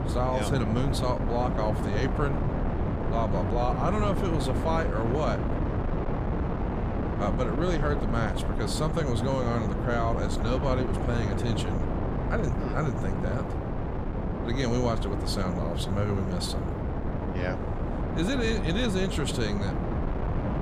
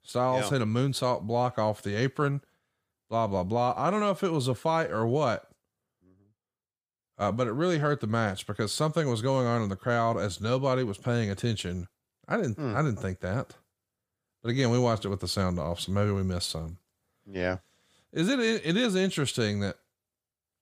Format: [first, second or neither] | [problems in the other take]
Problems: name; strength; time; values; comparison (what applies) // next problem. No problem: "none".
second | wind noise on the microphone; heavy; 3 dB below the speech